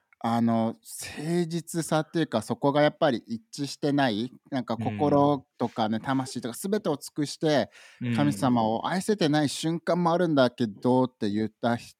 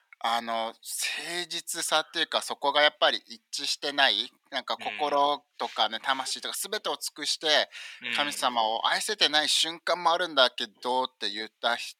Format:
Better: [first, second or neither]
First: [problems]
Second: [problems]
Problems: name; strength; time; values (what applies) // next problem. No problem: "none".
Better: first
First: none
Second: thin; very; fading below 900 Hz